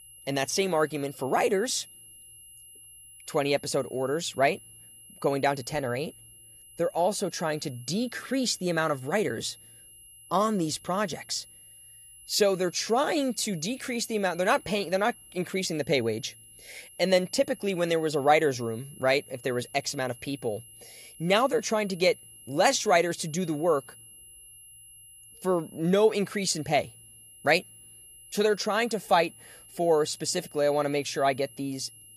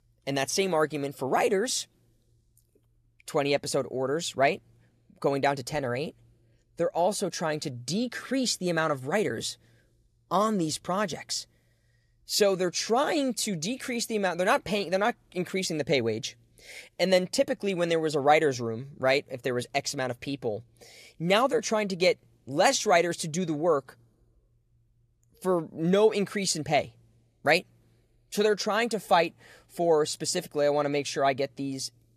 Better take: second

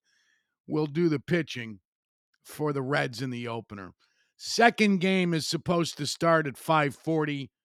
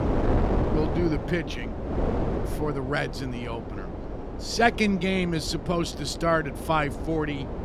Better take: first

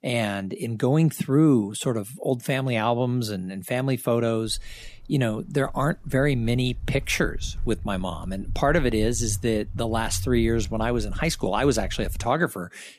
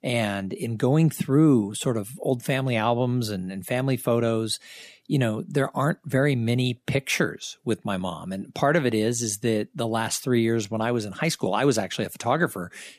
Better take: second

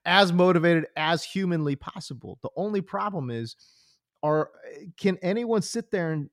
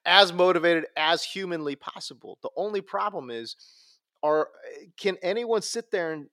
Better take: first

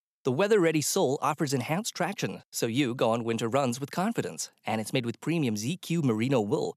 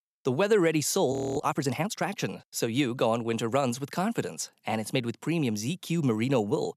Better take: first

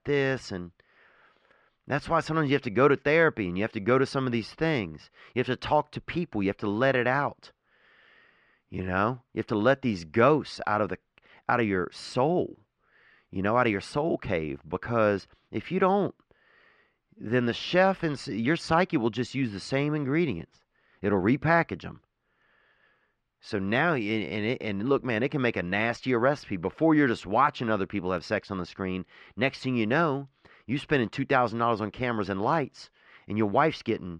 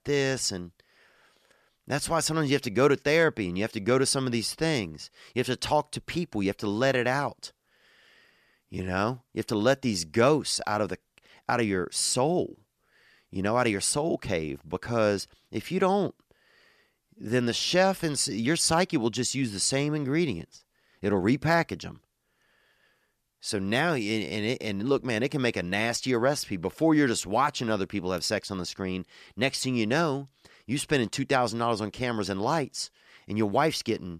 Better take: second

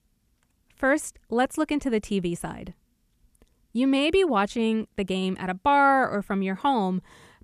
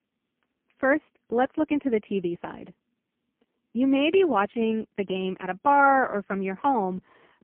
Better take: first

